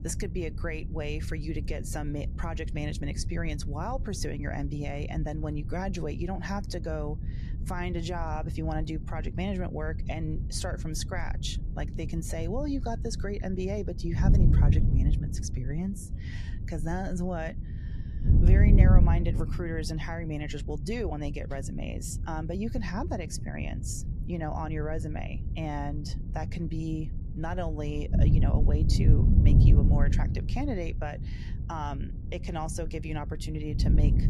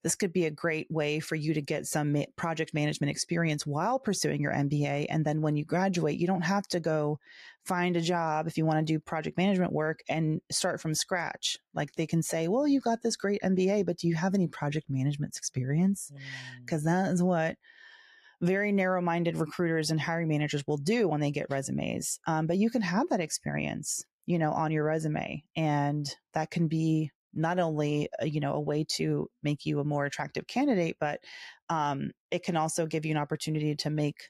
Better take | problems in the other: second | wind noise on the microphone; heavy; 6 dB below the speech

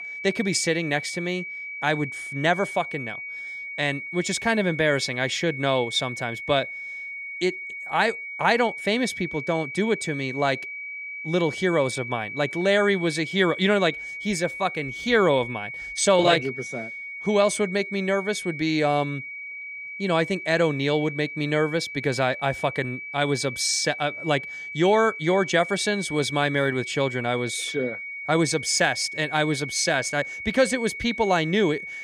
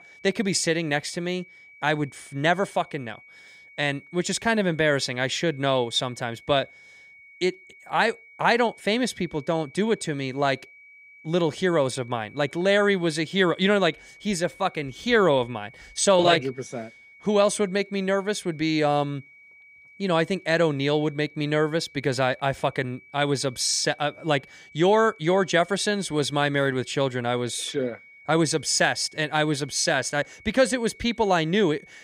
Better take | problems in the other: second | high-pitched whine; loud; throughout; 2 kHz, 9 dB below the speech; faint in the second

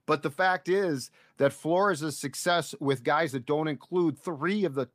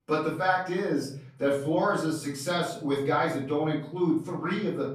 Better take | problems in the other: first | off-mic speech; far // room echo; noticeable; dies away in 0.6 s

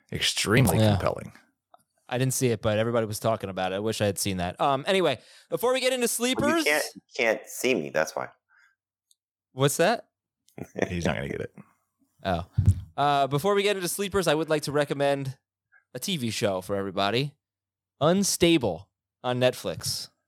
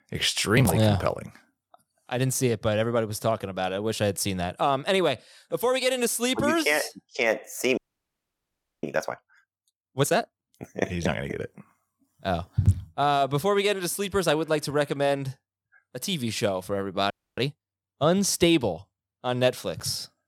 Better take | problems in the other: first | audio freezing; at 8 s for 1 s and at 17 s

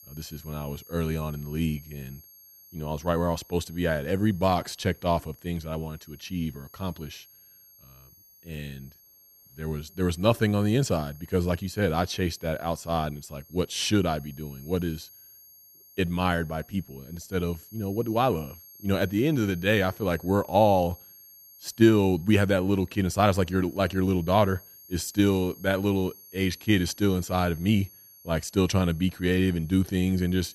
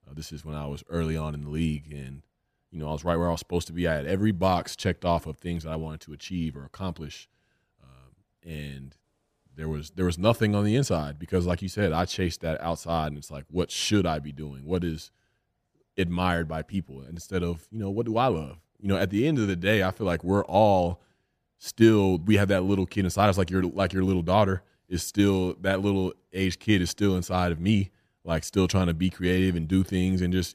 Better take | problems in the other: second | high-pitched whine; faint; throughout; 11.5 kHz, 25 dB below the speech

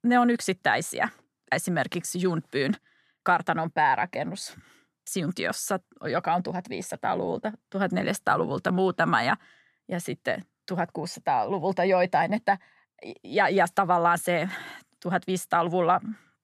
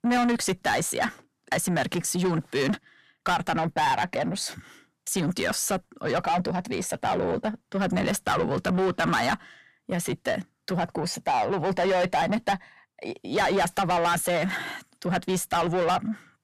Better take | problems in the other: first | distortion; heavy; 7 dB below the speech

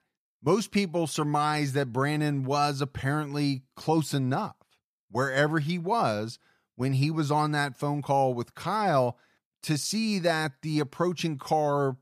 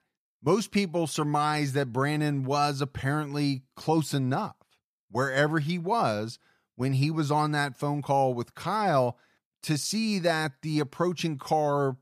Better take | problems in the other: neither | none

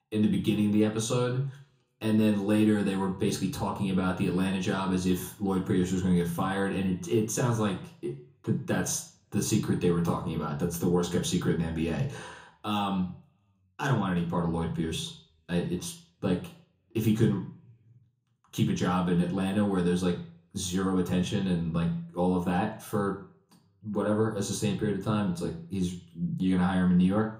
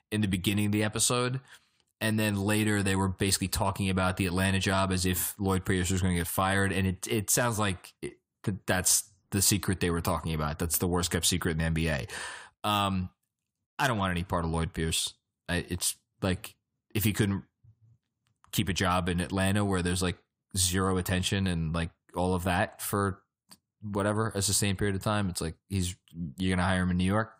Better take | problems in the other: second | room echo; slight; dies away in 0.6 s // off-mic speech; far

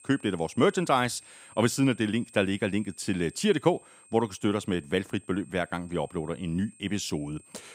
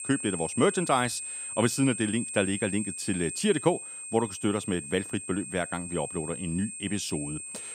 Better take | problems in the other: first | high-pitched whine; loud; throughout; 8.5 kHz, 6 dB below the speech; faint in the first

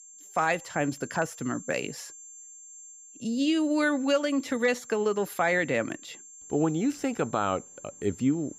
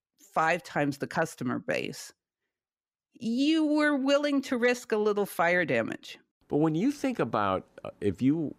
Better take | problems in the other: second | high-pitched whine; noticeable; throughout; 7.5 kHz, 15 dB below the speech

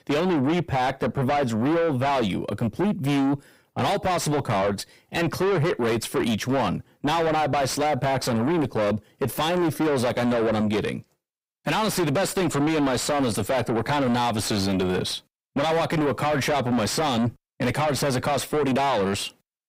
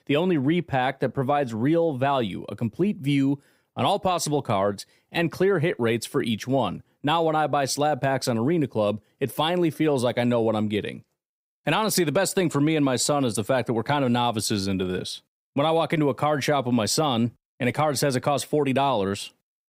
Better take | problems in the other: second | distortion; heavy; 6 dB below the speech

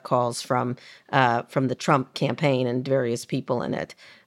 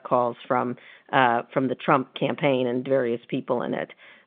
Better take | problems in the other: first | phone-call audio

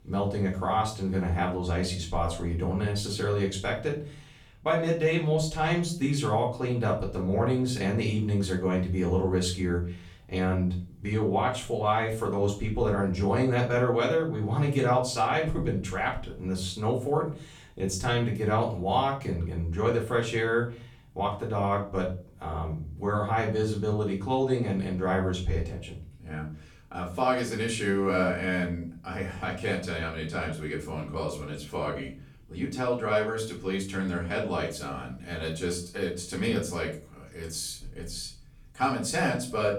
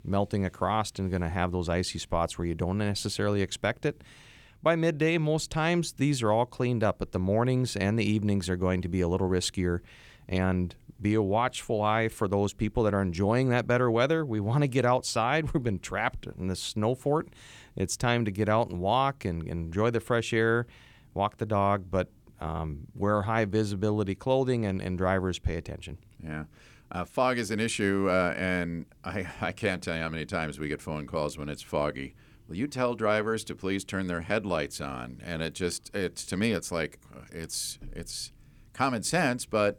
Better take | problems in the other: second | off-mic speech; far // room echo; slight; dies away in 0.4 s

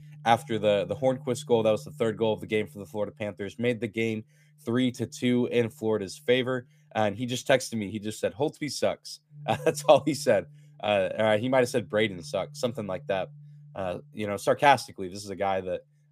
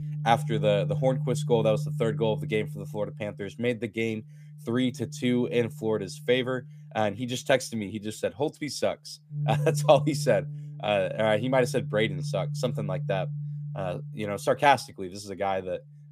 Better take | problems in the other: first | background music; loud; throughout; 6 dB below the speech; faint in the first

